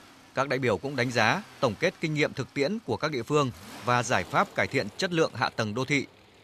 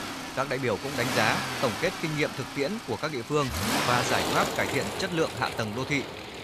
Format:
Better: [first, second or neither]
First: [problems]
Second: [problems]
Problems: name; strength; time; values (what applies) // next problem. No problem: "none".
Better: first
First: traffic noise; faint; throughout; 20 dB below the speech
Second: traffic noise; loud; throughout; 2 dB below the speech